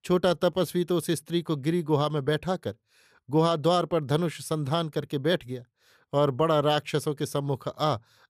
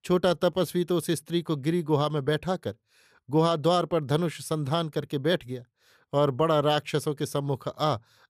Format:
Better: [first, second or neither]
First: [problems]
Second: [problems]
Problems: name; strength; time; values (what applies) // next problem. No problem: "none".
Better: neither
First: none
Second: none